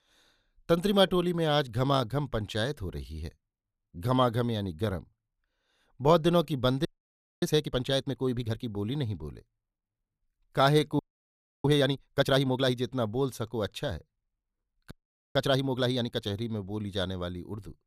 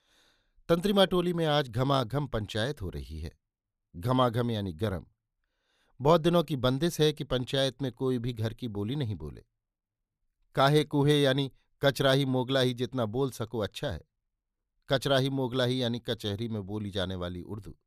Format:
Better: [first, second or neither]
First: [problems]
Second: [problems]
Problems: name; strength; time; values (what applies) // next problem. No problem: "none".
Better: second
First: audio freezing; at 7 s for 0.5 s, at 11 s for 0.5 s and at 15 s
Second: none